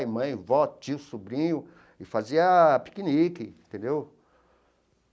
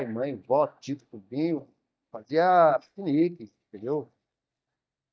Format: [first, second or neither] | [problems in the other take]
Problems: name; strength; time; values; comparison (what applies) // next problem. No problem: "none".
first | noise reduction (neural mask model DeepFilterNet 3)